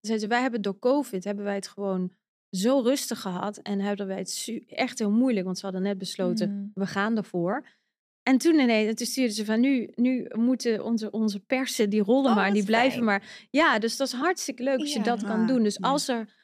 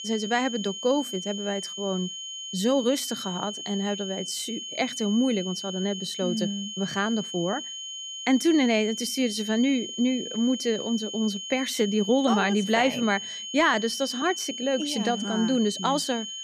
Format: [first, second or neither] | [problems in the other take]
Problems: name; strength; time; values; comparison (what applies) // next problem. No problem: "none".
first | high-pitched whine; loud; throughout; 3 kHz, 7 dB below the speech